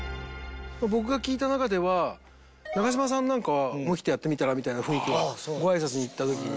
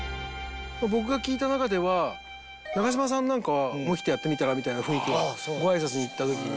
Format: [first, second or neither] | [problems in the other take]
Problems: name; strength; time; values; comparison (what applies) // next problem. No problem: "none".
first | background sound (Bowed string instrument); 14 dB below the speech